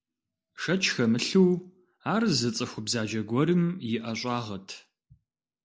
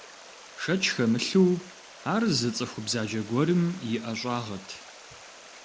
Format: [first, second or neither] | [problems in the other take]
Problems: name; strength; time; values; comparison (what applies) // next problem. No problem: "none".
first | background sound (Stream); 19 dB below the speech